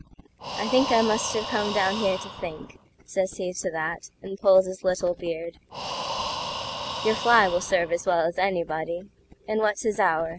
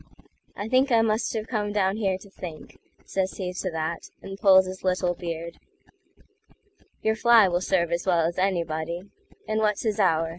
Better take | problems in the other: second | background sound (Breathing); 8 dB below the speech

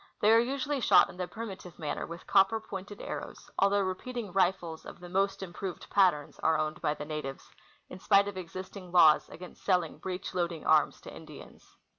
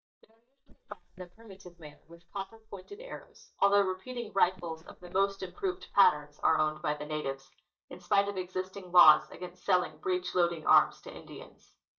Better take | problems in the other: first | noise reduction (neural mask model DeepFilterNet 3)

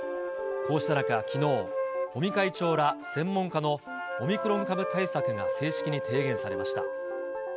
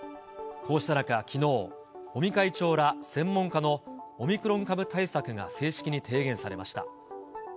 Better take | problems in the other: second | background sound (Wind instrument, woodwind instrument + Wind instrument, woodwind instrument); 2 dB below the speech

